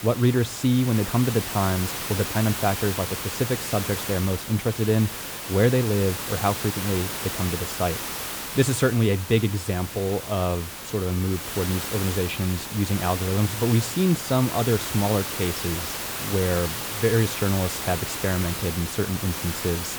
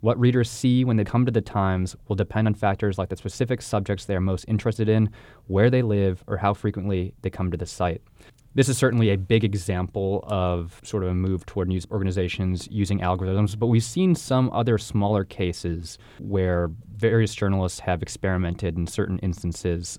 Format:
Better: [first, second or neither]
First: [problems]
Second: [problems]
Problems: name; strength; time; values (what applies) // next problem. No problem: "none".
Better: second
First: hiss; loud; throughout; 5 dB below the speech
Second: none